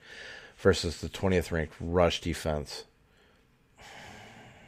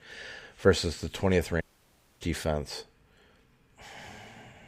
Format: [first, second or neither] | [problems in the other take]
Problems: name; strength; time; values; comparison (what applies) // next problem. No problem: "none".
first | audio cutting out; at 1.5 s for 0.5 s